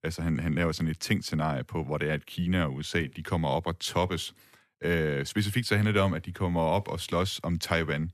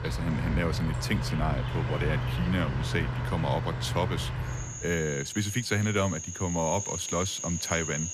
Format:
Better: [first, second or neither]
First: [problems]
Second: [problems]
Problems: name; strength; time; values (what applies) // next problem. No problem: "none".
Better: first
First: none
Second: animal sounds; loud; throughout; 2 dB below the speech